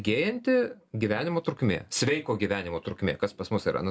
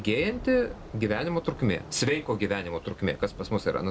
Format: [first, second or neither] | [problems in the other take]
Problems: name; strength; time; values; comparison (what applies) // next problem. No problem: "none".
first | background sound (Thunder / Rain); 16 dB below the speech